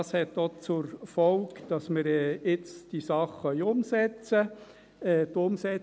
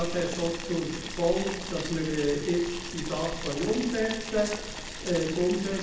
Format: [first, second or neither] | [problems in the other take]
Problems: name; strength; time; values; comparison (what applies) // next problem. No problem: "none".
first | background sound (Boiling); 7 dB below the speech // room echo; dies away in 0.9 s